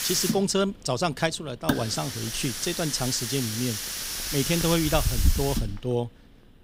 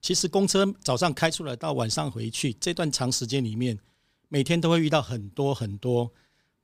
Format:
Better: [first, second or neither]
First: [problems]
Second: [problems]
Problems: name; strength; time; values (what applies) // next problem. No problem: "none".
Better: second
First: hiss; loud; throughout; 2 dB below the speech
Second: none